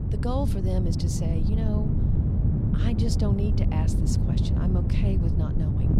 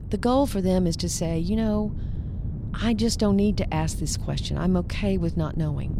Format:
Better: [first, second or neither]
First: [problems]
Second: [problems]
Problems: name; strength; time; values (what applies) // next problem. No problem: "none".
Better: second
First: wind noise on the microphone; heavy; as loud as the speech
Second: wind noise on the microphone; occasional gusts; 15 dB below the speech